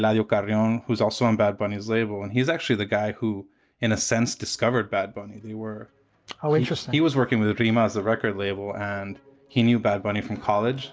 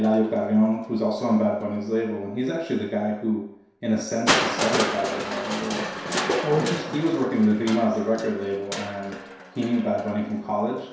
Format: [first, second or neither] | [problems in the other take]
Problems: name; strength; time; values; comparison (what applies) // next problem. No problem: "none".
first | background sound (Crushing); 6 dB below the speech // room echo; dies away in 0.7 s